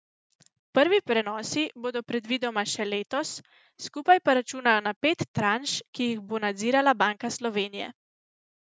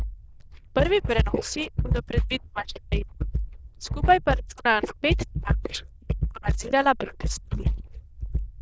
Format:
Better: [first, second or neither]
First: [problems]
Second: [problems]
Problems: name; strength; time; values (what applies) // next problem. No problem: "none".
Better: first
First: none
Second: noise reduction (neural diffusion model UNIVERSE++)